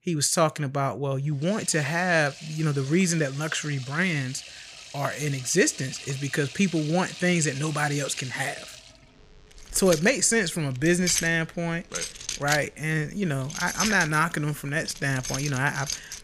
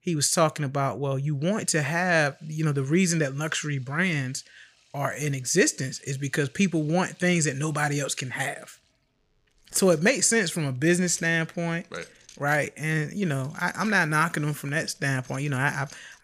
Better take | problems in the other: second | household noises; loud; throughout; 10 dB below the speech; faint in the second

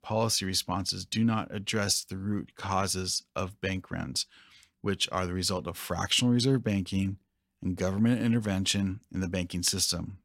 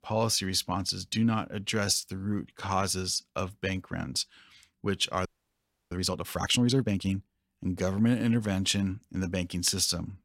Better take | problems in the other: first | audio freezing; at 5.5 s for 0.5 s

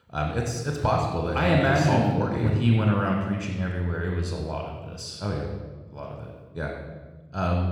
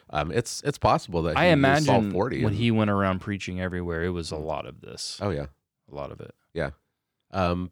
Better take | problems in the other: second | off-mic speech; somewhat distant // room echo; noticeable; dies away in 1.2 s

